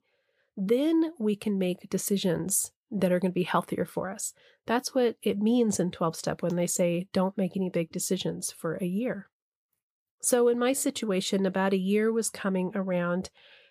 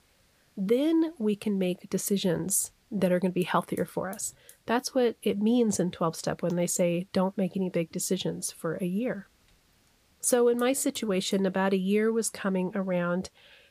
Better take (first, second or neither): first